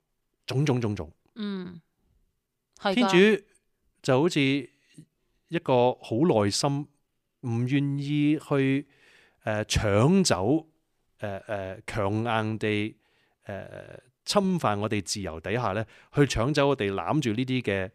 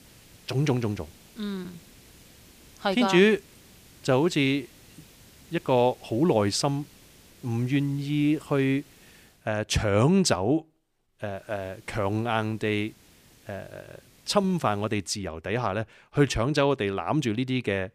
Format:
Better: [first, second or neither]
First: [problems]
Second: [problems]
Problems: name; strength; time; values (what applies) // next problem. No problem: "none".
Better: first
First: none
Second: hiss; faint; until 9.5 s and from 11 to 15 s; 25 dB below the speech